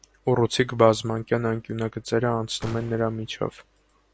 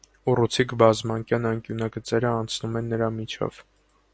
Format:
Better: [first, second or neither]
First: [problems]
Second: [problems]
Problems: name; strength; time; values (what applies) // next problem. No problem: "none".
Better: second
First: background sound (Gunshot, gunfire); 18 dB below the speech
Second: none